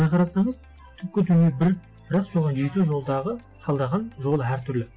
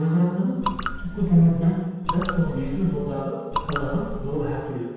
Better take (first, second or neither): first